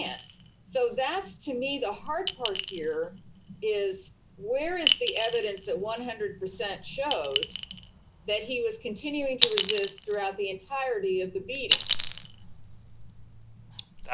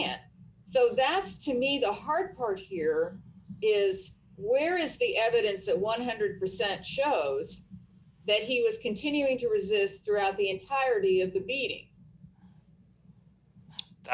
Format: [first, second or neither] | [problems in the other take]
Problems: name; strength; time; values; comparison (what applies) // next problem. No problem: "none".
second | background sound (Chink, clink); 3 dB below the speech